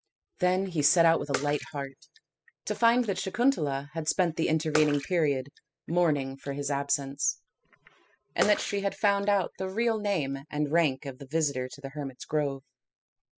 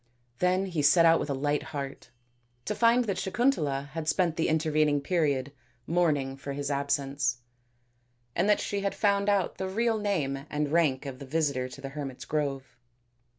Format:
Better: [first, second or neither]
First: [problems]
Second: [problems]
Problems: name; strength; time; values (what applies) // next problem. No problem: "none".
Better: second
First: noise reduction (classical method spectral subtraction)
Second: none